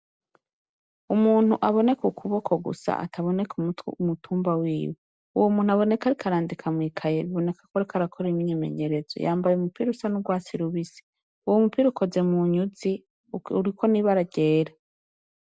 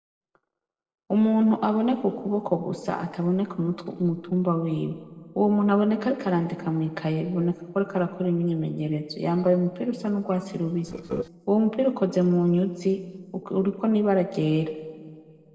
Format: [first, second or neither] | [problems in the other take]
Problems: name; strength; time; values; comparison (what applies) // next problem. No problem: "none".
first | noise reduction (neural separator model SepFormer DNS4)